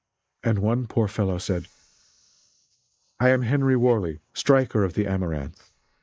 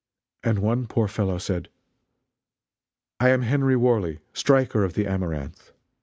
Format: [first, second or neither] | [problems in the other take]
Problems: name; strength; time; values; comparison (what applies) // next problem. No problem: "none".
second | noise reduction (neural mask model Resemble Enhance denoiser)